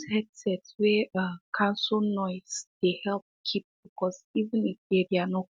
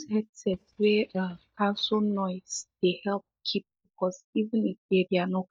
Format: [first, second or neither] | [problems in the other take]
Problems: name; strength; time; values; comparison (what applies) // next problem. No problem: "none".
first | noise reduction (neural mask model DeepFilterNet 3)